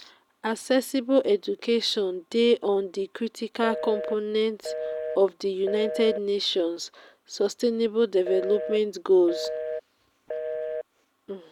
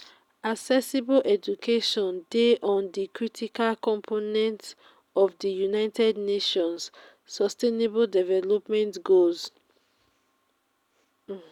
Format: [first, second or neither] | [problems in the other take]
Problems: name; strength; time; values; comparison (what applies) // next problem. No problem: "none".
second | background sound (Telephone); 8 dB below the speech